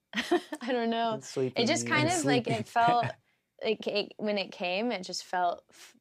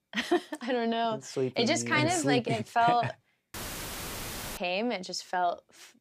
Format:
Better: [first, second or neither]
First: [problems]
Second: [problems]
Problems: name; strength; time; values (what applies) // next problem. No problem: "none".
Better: first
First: none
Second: audio cutting out; filled with static; at 3.5 s for 1 s